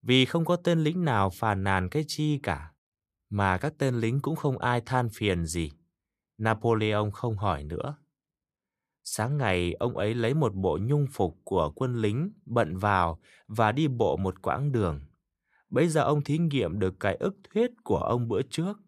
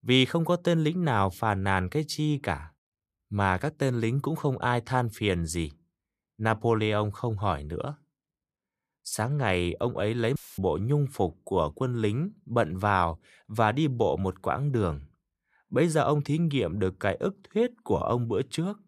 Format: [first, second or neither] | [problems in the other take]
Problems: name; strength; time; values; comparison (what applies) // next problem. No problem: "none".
first | audio cutting out; filled with static; at 10 s